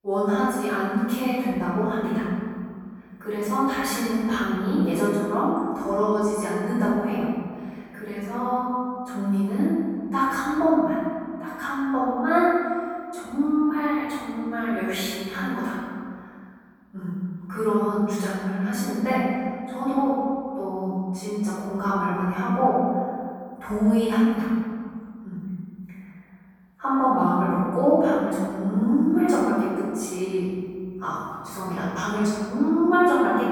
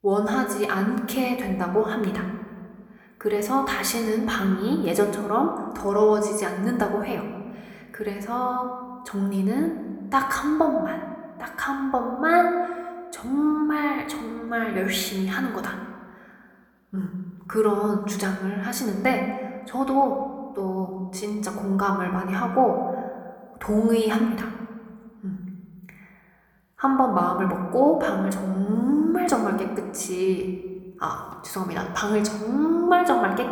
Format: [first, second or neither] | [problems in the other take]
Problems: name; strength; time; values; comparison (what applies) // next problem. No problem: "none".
second | room echo; strong; dies away in 2.1 s; slight in the second // off-mic speech; far